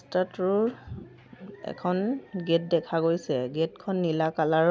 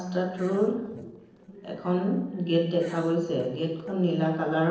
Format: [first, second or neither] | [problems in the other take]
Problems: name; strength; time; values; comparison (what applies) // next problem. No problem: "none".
first | noise reduction (neural separator model SepFormer DNS4)